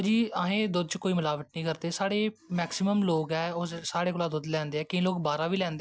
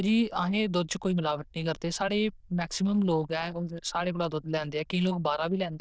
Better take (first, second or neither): first